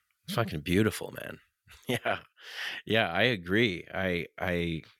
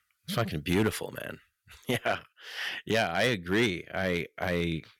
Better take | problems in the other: first | distortion; slight; 2% of the sound clipped

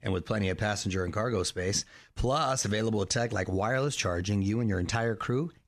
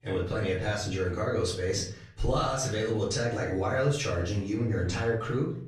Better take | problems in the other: first | off-mic speech; far // room echo; noticeable; dies away in 0.5 s

